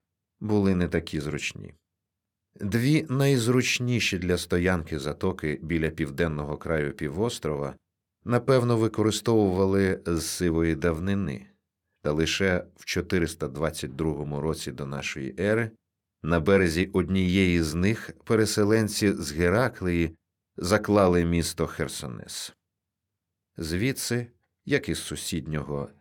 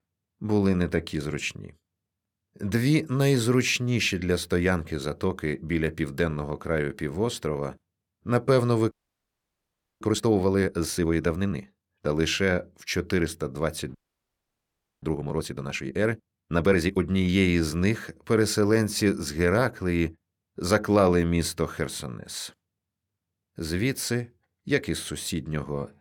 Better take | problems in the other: first | audio freezing; at 9 s for 1 s and at 14 s for 1 s

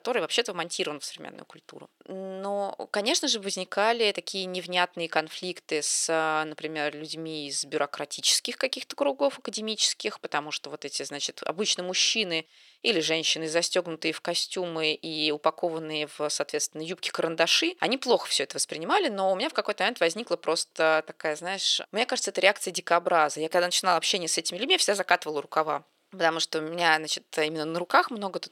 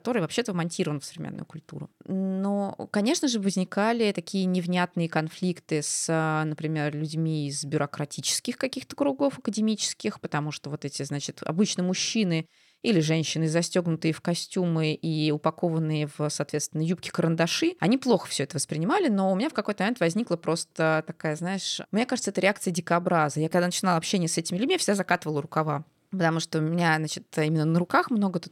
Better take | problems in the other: second | thin; very; fading below 500 Hz

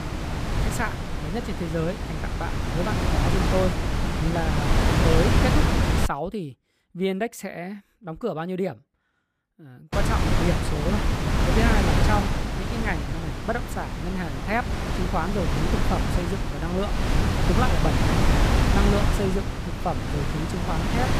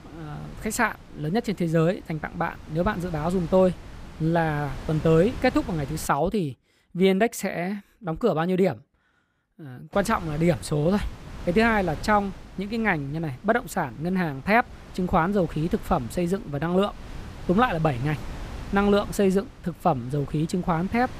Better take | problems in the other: second | wind noise on the microphone; heavy; until 6 s and from 10 s on; 1 dB above the speech; occasional gusts in the second

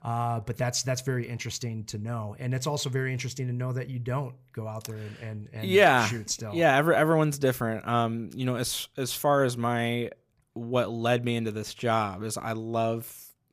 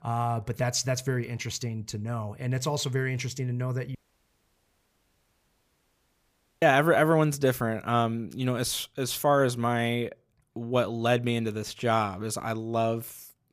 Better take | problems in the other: first | audio cutting out; at 4 s for 2.5 s

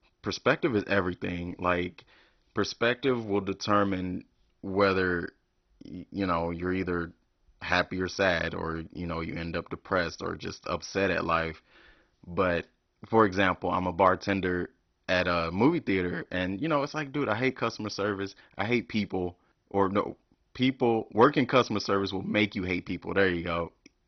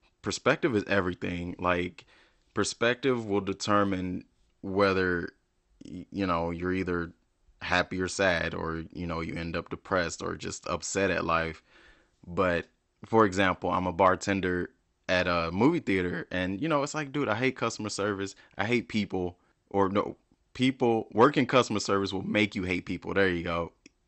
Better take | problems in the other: second | garbled, watery; badly; nothing above 6 kHz; slightly in the second

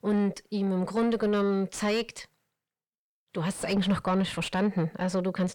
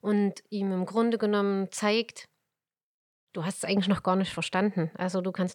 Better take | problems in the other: second | distortion; slight; 10 dB below the speech

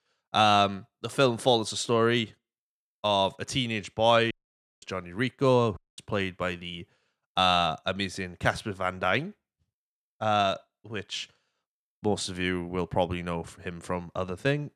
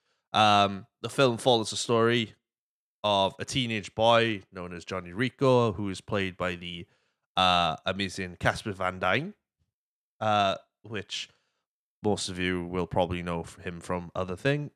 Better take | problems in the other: second | audio cutting out; at 4.5 s for 0.5 s and at 6 s

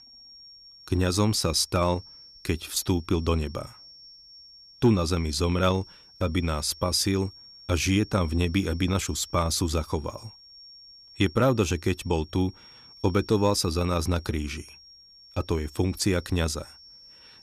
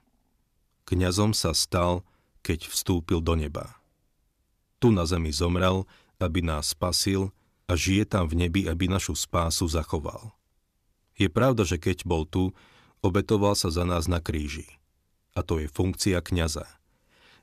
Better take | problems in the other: second | high-pitched whine; faint; throughout; 5.5 kHz, 20 dB below the speech

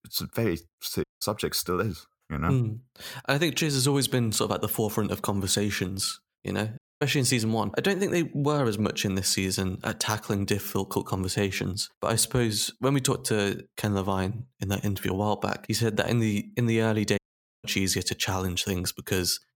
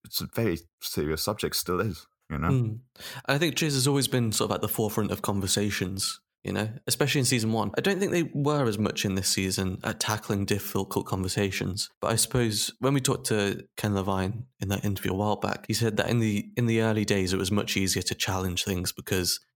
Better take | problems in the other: second | audio cutting out; at 1 s, at 7 s and at 17 s

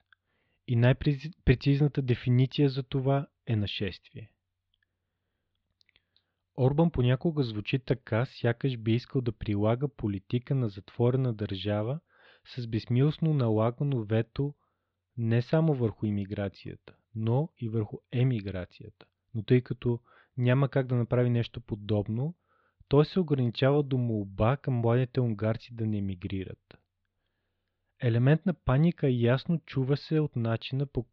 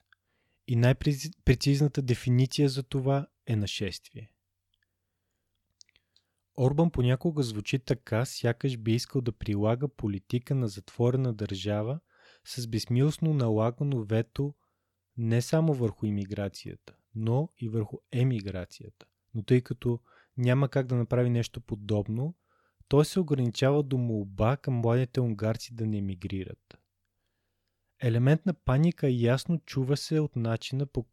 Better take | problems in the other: second | muffled; slightly; fading above 4 kHz

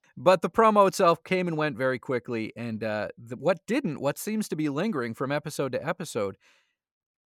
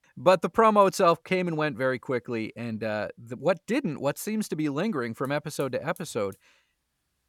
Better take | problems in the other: first | hiss; faint; throughout; 30 dB below the speech

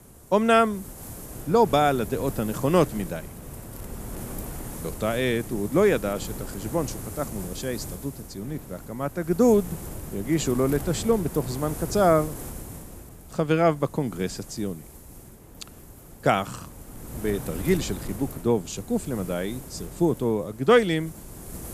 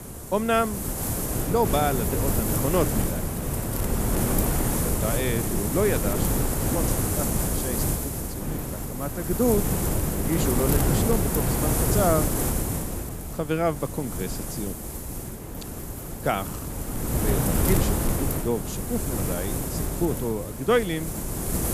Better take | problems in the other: first | wind noise on the microphone; heavy; 3 dB below the speech; occasional gusts in the first

